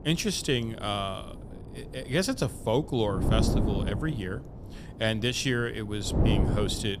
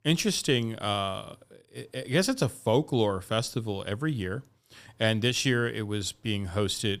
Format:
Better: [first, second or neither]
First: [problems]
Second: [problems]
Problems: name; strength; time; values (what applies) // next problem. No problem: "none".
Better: second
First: wind noise on the microphone; heavy; 6 dB below the speech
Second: none